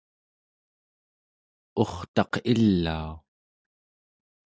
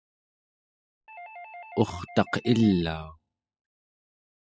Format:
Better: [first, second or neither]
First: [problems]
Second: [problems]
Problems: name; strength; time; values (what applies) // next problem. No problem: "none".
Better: first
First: none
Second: noise reduction (classical method spectral subtraction)